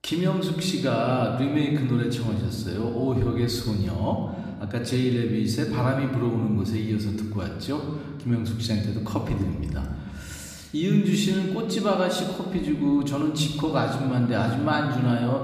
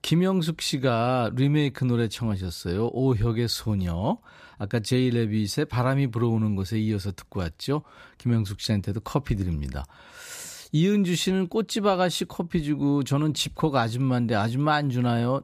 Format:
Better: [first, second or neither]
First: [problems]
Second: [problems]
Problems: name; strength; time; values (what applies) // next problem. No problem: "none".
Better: second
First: room echo; noticeable; dies away in 1.4 s // off-mic speech; somewhat distant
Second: none